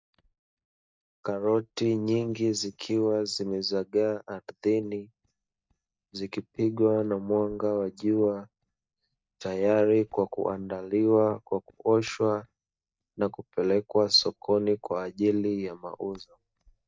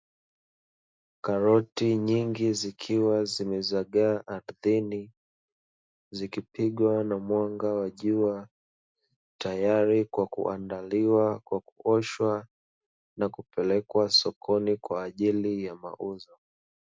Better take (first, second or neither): second